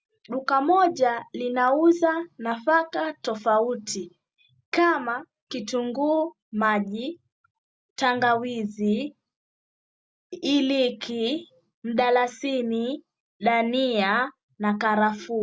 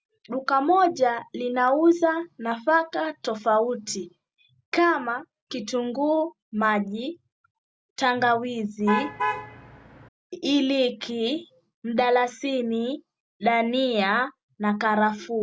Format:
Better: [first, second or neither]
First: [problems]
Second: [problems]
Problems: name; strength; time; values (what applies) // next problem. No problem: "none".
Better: first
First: none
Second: background sound (Alarm / Truck); 5 dB below the speech